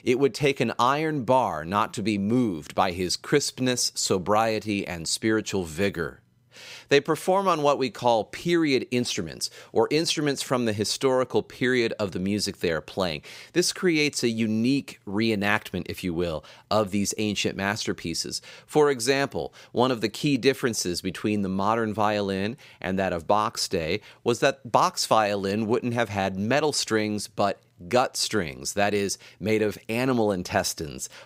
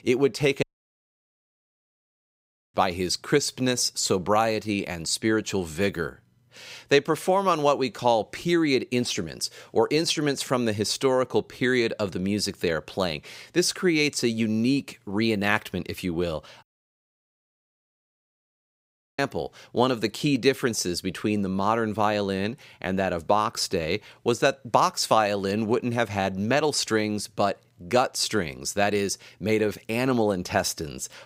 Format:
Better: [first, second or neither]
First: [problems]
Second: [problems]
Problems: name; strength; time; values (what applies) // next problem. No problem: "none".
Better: first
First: none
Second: audio cutting out; at 0.5 s for 2 s and at 17 s for 2.5 s